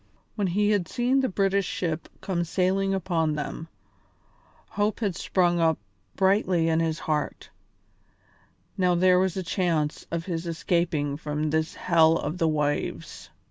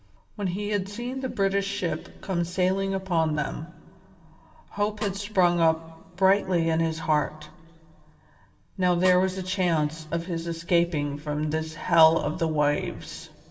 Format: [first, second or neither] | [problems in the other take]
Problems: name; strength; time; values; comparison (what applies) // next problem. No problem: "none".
first | background sound (Snare drum); 17 dB below the speech // room echo; dies away in 2.1 s